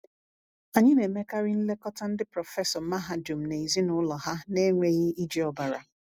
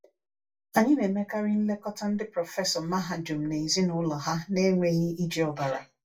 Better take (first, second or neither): first